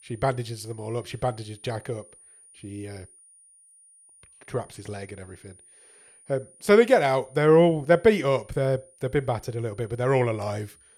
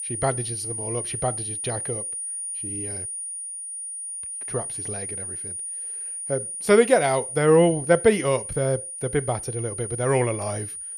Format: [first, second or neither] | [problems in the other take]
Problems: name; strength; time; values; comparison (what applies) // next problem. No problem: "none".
first | high-pitched whine; loud; throughout; 9.5 kHz, 6 dB below the speech; faint in the first